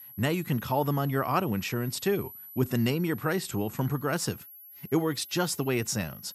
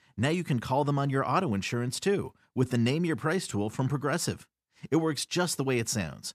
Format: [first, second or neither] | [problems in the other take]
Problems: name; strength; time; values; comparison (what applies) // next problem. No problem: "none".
second | high-pitched whine; noticeable; throughout; 12 kHz, 15 dB below the speech